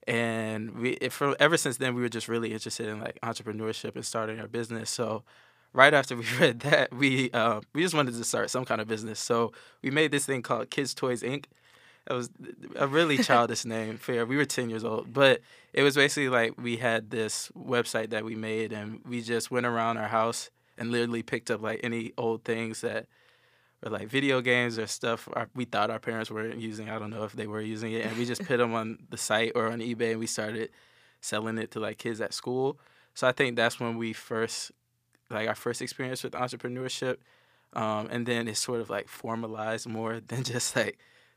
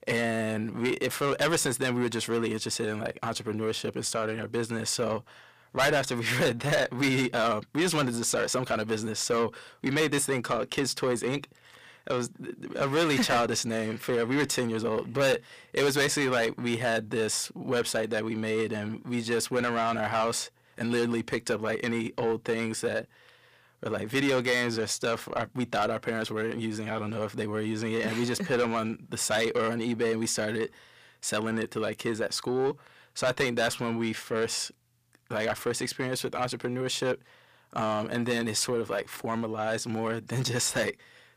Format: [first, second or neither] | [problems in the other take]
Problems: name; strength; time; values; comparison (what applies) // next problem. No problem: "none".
first | distortion; heavy; 6 dB below the speech